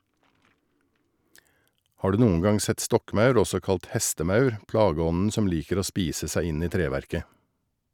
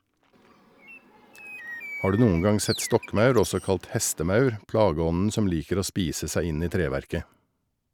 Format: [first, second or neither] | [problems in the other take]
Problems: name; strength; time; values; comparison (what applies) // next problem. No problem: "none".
first | background sound (Bird); 16 dB below the speech